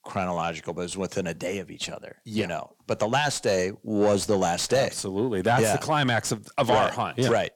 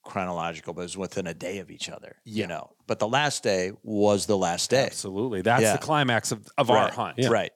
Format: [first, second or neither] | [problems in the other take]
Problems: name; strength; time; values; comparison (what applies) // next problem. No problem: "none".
second | distortion; slight; 10 dB below the speech